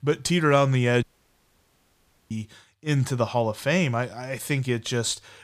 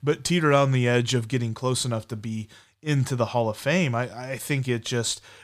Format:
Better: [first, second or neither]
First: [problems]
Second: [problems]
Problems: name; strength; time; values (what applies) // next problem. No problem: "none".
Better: second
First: audio cutting out; at 1 s for 1.5 s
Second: none